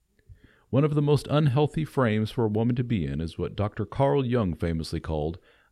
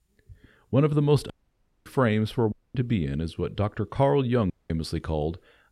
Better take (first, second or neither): first